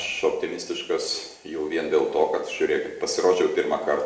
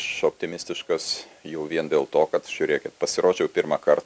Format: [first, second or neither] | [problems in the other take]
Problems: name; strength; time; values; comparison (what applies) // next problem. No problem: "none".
second | room echo; dies away in 0.8 s